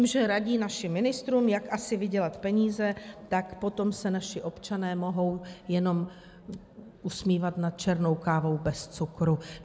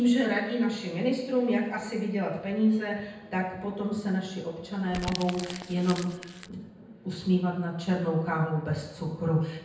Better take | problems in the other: first | background sound (Crumpling, crinkling); 12 dB below the speech // room echo; dies away in 0.9 s

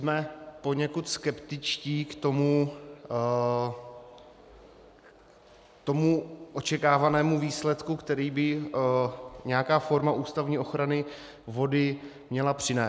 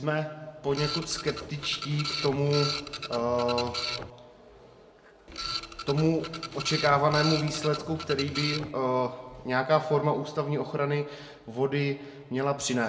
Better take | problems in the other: first | background sound (Printer); 7 dB below the speech // room echo; dies away in 1.3 s

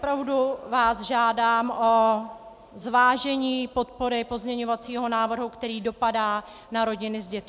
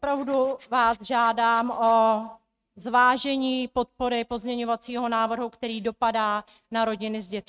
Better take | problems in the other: first | noise reduction (neural mask model RNNoise)

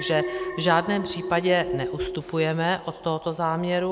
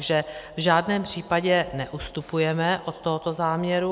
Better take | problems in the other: second | background sound (Alarm); 8 dB below the speech

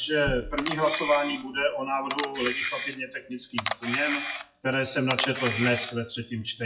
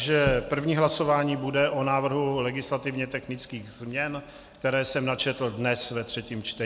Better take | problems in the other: second | noise reduction (classical method WPE with log-MMSE)

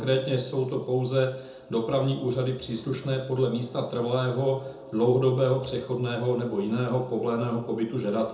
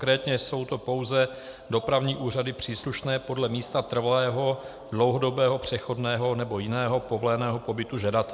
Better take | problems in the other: second | room echo; dies away in 0.5 s

